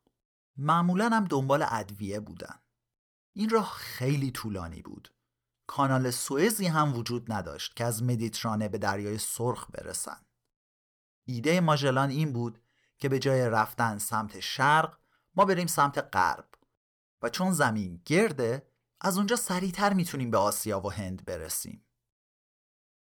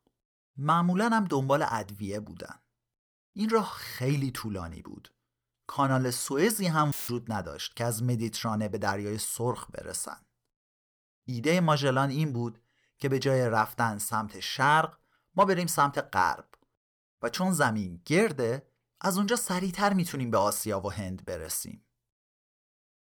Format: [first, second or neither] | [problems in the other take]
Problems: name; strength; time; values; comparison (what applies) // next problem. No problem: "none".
first | audio cutting out; filled with static; at 7 s